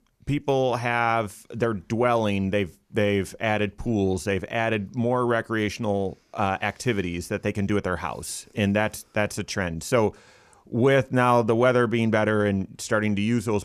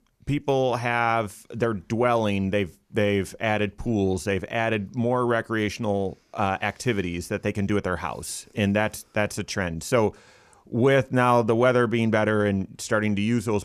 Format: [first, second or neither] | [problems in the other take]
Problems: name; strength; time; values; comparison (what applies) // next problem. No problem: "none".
neither | none